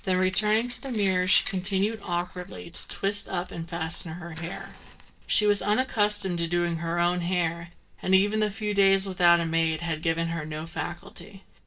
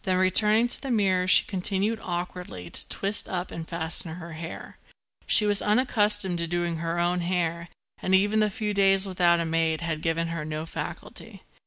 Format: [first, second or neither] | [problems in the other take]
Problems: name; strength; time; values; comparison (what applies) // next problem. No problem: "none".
second | noise reduction (neural separator model SepFormer DNS4)